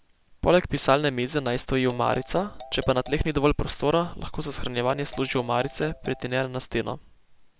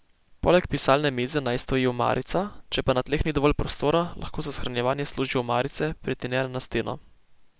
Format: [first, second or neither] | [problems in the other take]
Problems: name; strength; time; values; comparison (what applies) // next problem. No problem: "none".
second | background sound (Marimba, xylophone); 19 dB below the speech